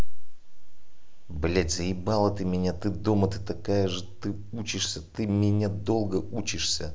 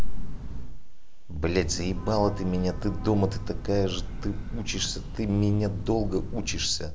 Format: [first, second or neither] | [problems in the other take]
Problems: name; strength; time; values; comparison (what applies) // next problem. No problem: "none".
first | background sound (Train / Breathing); 9 dB below the speech